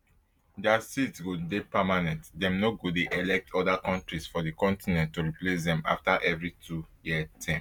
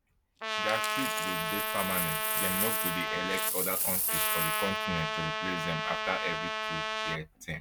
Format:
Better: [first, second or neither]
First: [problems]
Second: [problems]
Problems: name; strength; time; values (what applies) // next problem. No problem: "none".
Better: first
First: none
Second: background sound (Trumpet + Coin (dropping)); 5 dB above the speech